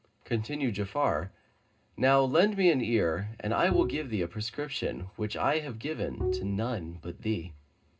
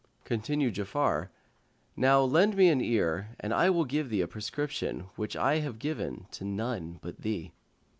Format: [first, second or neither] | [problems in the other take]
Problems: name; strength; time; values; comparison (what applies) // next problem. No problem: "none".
second | background sound (Bowed string instrument); 6 dB below the speech // room echo; dies away in 0.2 s